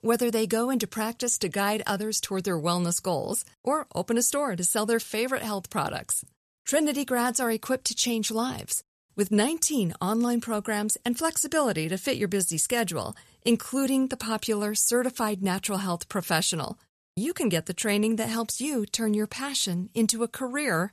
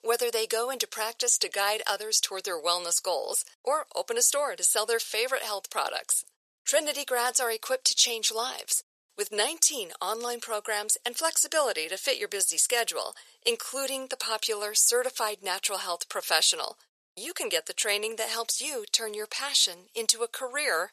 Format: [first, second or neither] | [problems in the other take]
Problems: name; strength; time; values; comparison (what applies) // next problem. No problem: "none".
first | thin; very; fading below 500 Hz